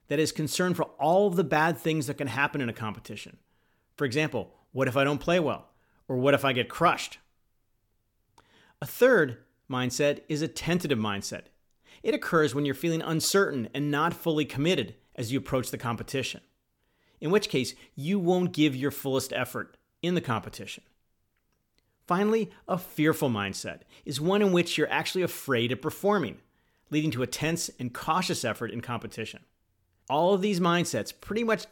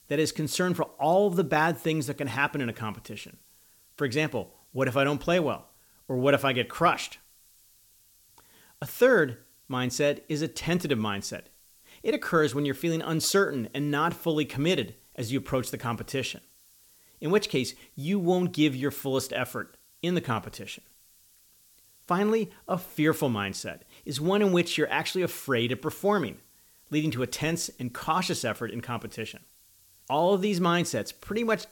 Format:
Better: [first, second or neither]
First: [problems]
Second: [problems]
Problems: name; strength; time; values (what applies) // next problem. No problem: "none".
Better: first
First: none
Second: hiss; faint; throughout; 30 dB below the speech